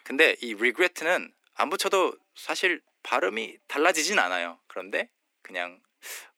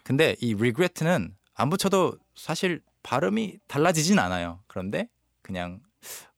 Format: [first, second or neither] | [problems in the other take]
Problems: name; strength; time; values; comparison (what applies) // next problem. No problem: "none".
second | thin; very; fading below 300 Hz